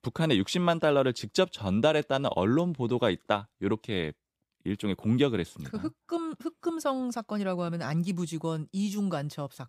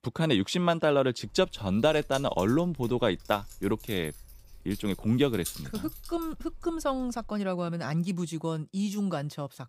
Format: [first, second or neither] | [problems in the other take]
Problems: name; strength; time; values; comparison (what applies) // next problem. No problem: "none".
first | jangling keys; noticeable; from 1.5 to 7.5 s; peak 8 dB below the speech